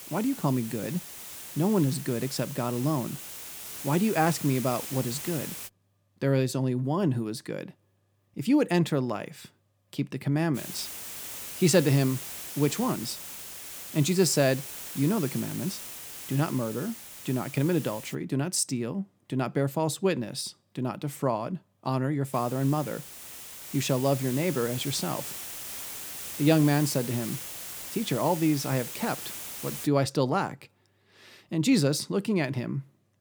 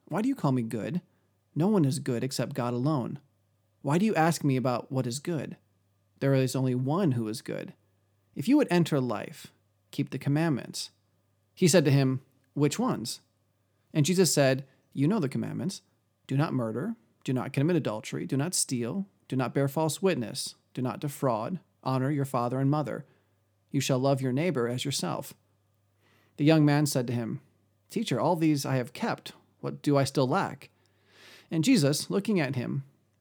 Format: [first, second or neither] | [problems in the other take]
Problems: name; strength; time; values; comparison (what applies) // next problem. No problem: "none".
second | hiss; loud; until 5.5 s, from 11 to 18 s and from 22 to 30 s; 9 dB below the speech